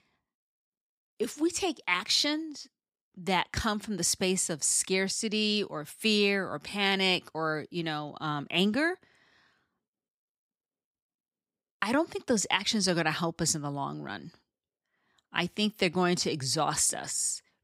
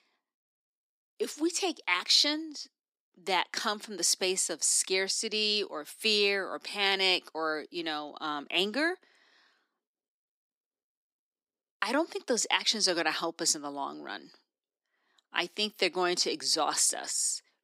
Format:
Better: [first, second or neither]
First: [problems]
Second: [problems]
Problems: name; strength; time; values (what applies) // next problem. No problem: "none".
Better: first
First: none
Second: thin; somewhat; fading below 300 Hz